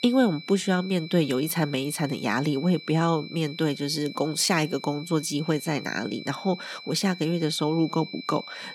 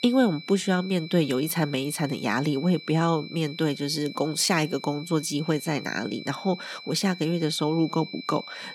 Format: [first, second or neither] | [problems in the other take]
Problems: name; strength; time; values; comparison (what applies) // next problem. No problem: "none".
neither | high-pitched whine; noticeable; throughout; 4 kHz, 15 dB below the speech; the same in both